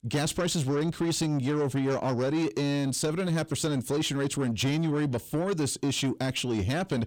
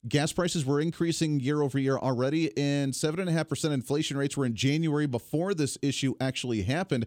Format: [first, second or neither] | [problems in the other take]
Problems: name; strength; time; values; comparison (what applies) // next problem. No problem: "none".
second | distortion; slight; 10 dB below the speech